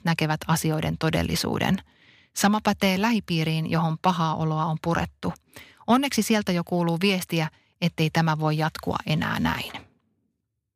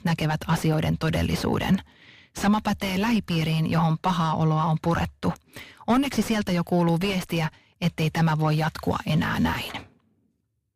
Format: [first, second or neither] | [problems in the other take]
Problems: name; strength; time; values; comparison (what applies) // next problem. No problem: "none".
first | distortion; heavy; 7 dB below the speech